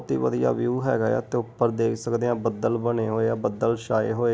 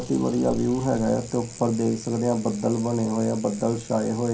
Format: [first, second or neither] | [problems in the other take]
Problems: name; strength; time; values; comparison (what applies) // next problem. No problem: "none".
first | background sound (Bicycle); 17 dB below the speech // room echo; dies away in 0.3 s